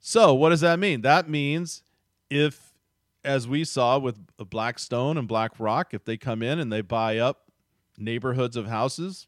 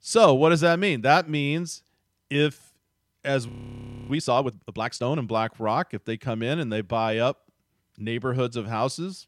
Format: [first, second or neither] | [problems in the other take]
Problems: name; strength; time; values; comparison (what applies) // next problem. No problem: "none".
first | audio freezing; at 3.5 s for 0.5 s